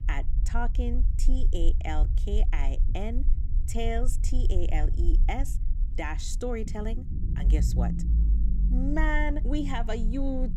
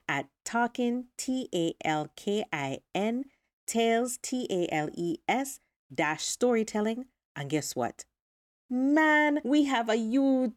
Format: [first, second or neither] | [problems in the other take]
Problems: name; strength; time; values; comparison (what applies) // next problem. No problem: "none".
second | low rumble; noticeable; throughout; 10 dB below the speech